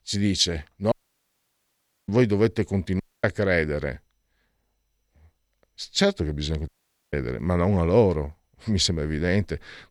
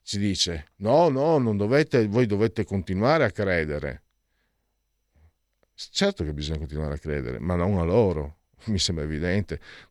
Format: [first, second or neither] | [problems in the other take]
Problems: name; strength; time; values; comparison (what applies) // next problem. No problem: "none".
second | audio cutting out; at 1 s for 1 s, at 3 s and at 6.5 s